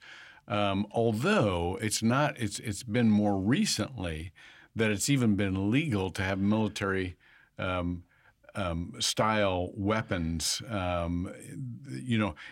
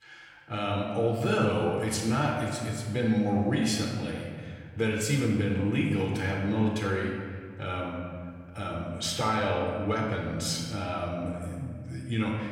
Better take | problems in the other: first | off-mic speech; somewhat distant // room echo; noticeable; dies away in 1.6 s

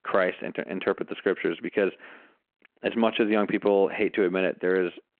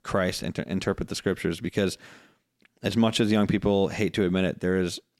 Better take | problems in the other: second | phone-call audio

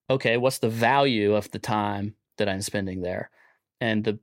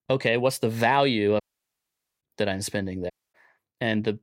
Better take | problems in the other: first | audio cutting out; at 1.5 s for 1 s and at 3 s

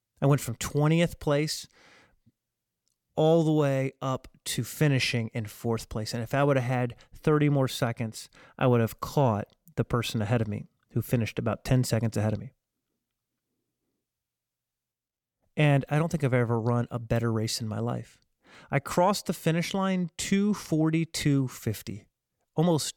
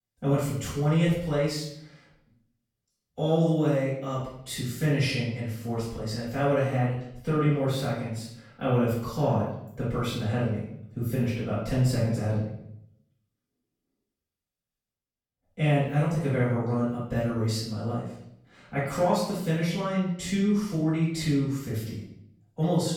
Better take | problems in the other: first | off-mic speech; far // room echo; noticeable; dies away in 0.7 s

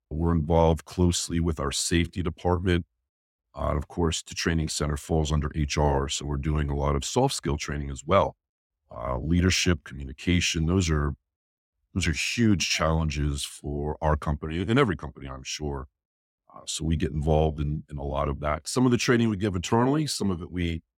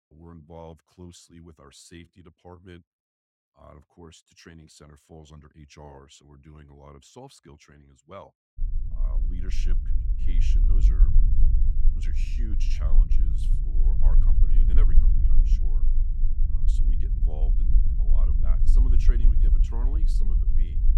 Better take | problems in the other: first | low rumble; loud; from 8.5 s on; as loud as the speech

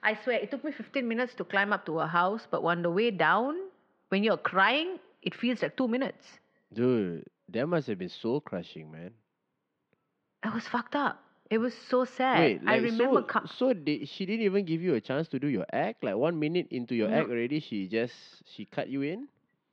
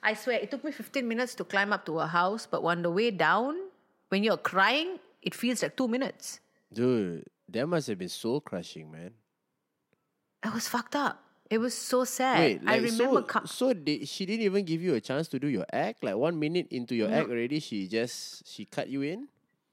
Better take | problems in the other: second | muffled; slightly; fading above 3.5 kHz

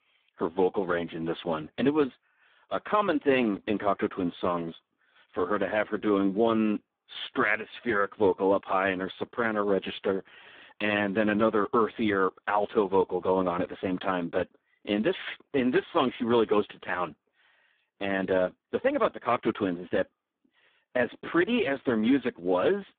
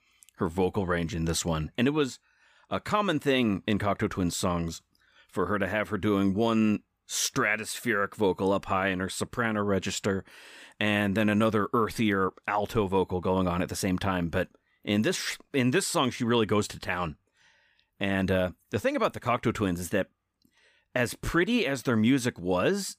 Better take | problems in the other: second | phone-call audio; poor line

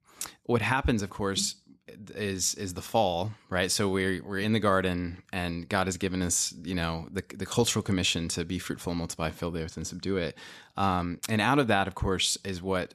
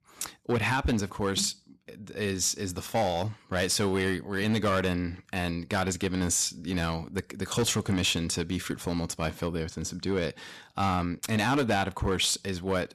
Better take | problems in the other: first | distortion; slight; 6% of the sound clipped

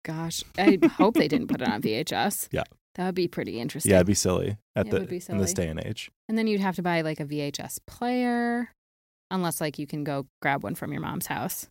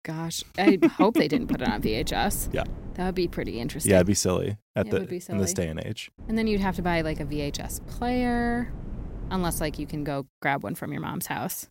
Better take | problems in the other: first | wind noise on the microphone; occasional gusts; from 1.5 to 4 s and from 6 to 10 s; 20 dB below the speech

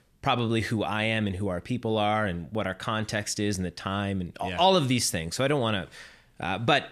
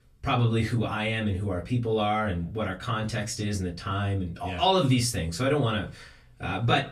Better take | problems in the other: first | off-mic speech; far // room echo; very slight; dies away in 0.2 s

